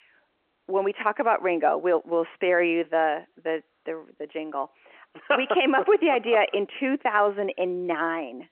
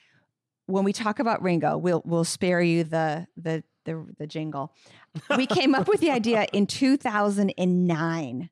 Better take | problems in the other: second | phone-call audio

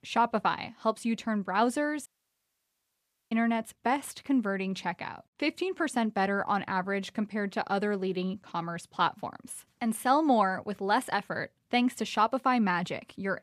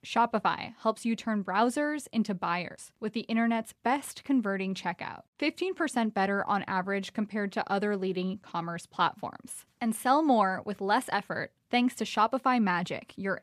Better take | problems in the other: second | audio cutting out; at 2 s for 1.5 s

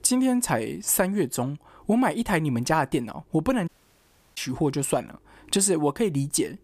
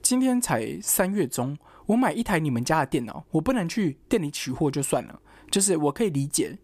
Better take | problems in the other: second | audio cutting out; at 3.5 s for 0.5 s

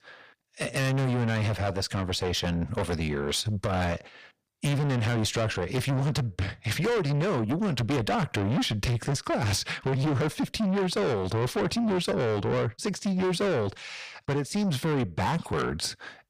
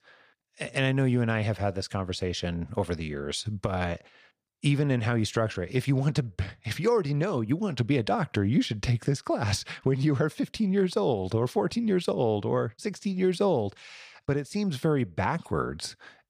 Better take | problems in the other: second | distortion; heavy; 5 dB below the speech

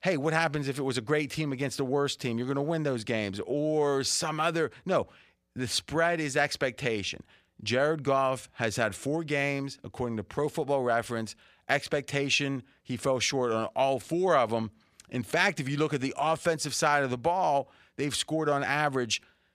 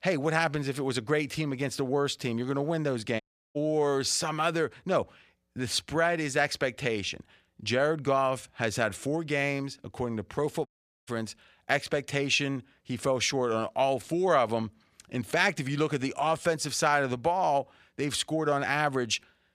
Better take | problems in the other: first | audio cutting out; at 3 s and at 11 s

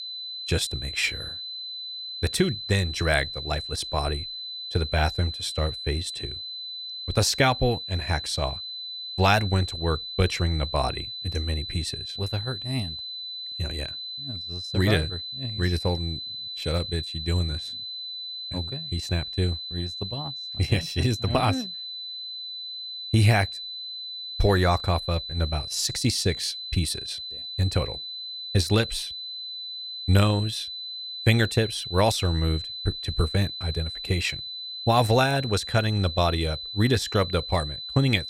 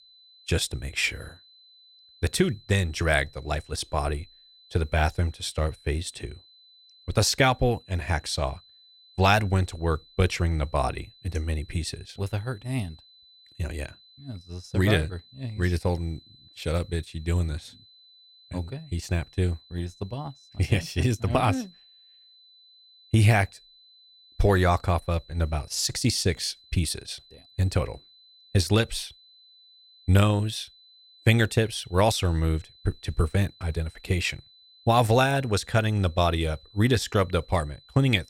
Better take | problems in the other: second | high-pitched whine; loud; throughout; 4 kHz, 7 dB below the speech; faint in the second

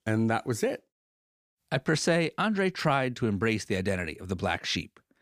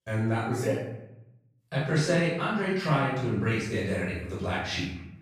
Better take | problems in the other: first | off-mic speech; far // room echo; noticeable; dies away in 0.8 s

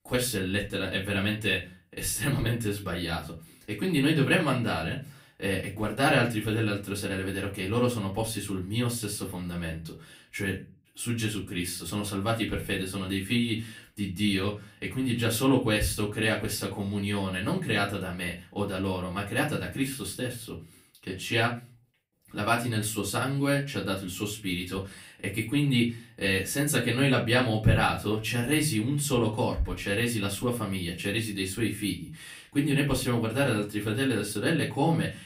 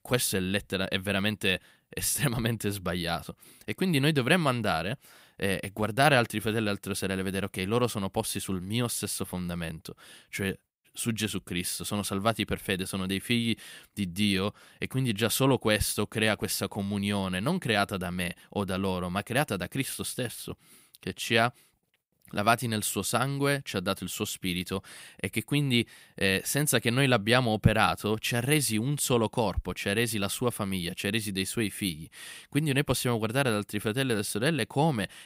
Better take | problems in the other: second | off-mic speech; far // room echo; very slight; dies away in 0.3 s

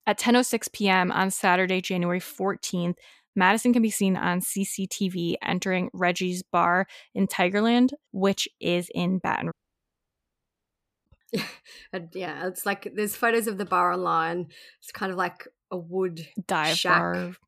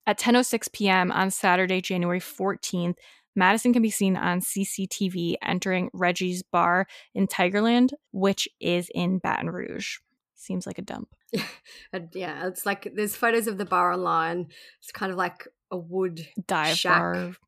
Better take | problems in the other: second | audio cutting out; at 9.5 s for 1.5 s

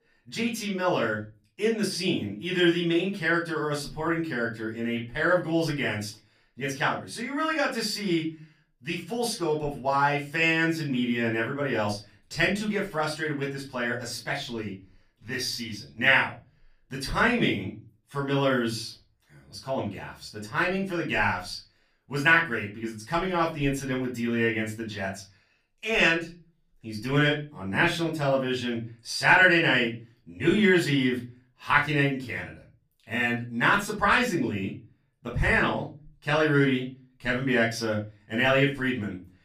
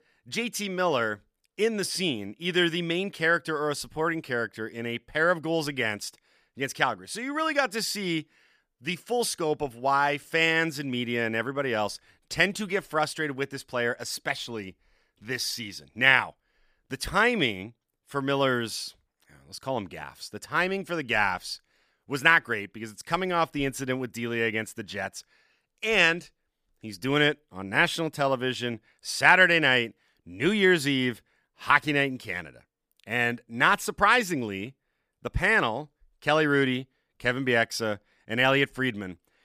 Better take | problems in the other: second | room echo; slight; dies away in 0.4 s // off-mic speech; far

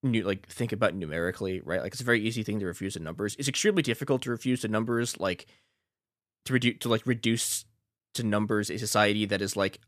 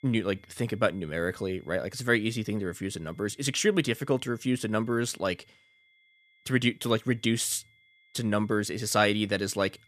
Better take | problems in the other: first | high-pitched whine; faint; throughout; 2 kHz, 30 dB below the speech

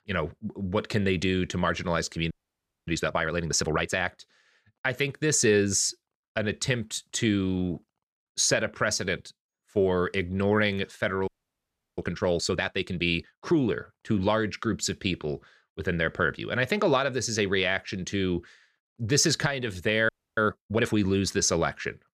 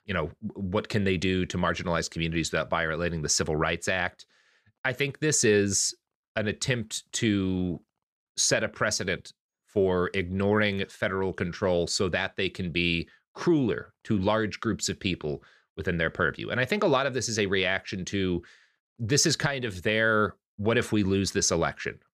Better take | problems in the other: second | audio freezing; at 2.5 s for 0.5 s, at 11 s for 0.5 s and at 20 s

